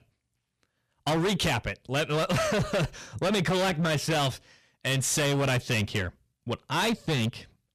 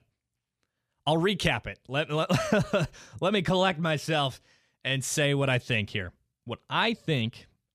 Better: second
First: distortion; heavy; 20% of the sound clipped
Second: none

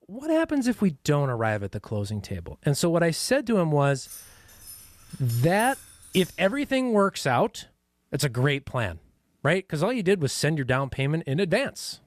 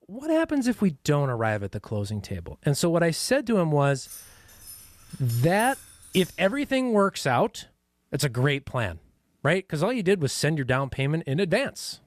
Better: neither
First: jangling keys; faint; from 4 to 6.5 s; peak 10 dB below the speech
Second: jangling keys; faint; from 4 to 6.5 s; peak 10 dB below the speech

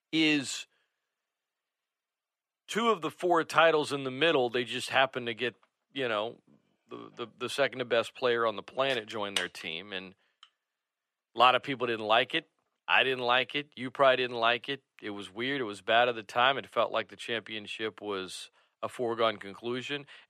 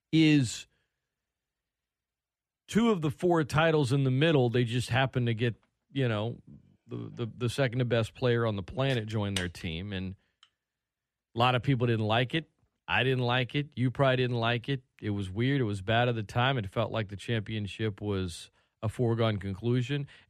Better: second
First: thin; very; fading below 400 Hz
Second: none

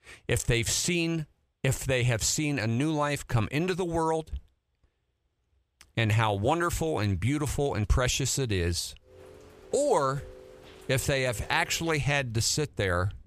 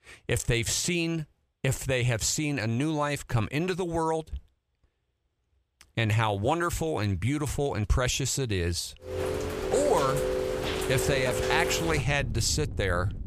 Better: first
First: rain or running water; faint; from 9 s on; 25 dB below the speech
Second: rain or running water; loud; from 9 s on; 3 dB below the speech

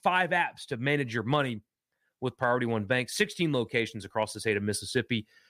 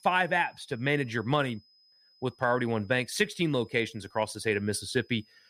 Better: first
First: none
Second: high-pitched whine; faint; throughout; 5 kHz, 30 dB below the speech

